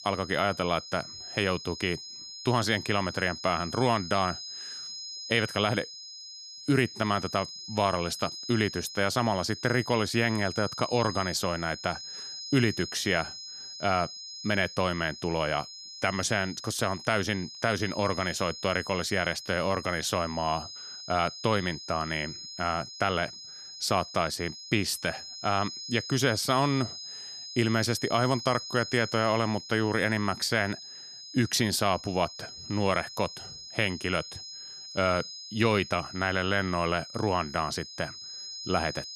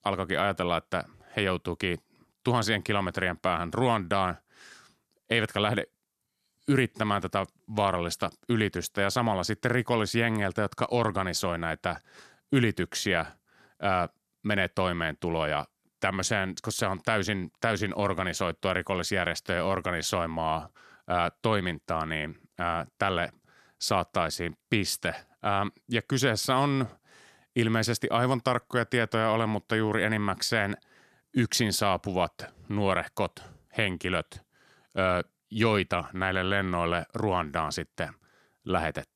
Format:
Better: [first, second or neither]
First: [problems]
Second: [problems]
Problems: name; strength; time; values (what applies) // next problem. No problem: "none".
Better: second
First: high-pitched whine; noticeable; throughout; 5 kHz, 10 dB below the speech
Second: none